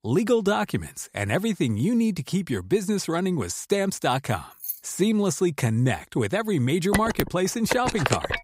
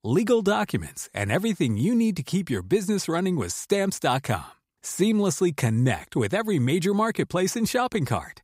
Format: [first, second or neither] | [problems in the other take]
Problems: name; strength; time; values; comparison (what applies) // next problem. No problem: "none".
second | jangling keys; noticeable; at 4.5 s; peak 8 dB below the speech // phone ringing; noticeable; from 7 s on; peak 1 dB below the speech